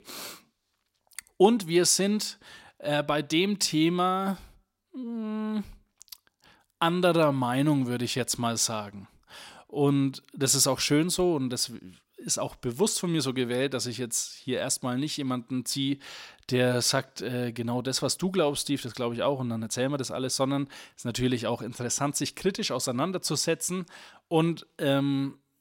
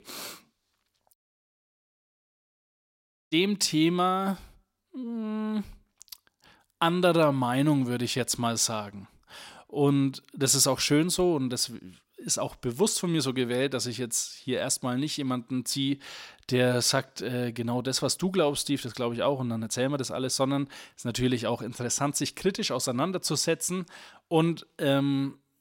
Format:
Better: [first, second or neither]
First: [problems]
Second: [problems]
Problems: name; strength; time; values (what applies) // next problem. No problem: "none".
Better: first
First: none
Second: audio cutting out; at 1 s for 2 s